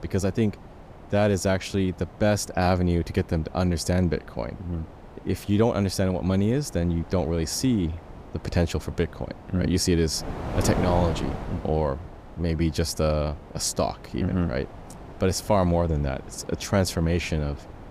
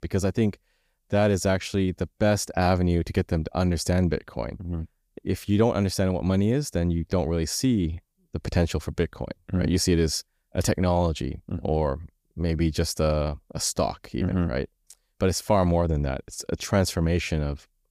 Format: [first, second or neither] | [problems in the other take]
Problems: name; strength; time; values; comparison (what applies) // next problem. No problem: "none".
second | wind noise on the microphone; occasional gusts; 15 dB below the speech